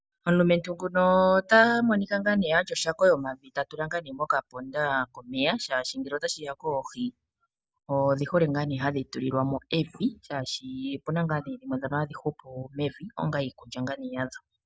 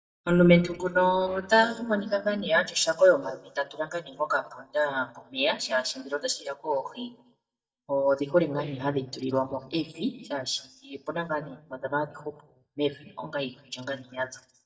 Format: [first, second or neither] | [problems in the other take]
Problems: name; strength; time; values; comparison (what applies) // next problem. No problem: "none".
first | noise reduction (neural mask model DeepFilterNet 3)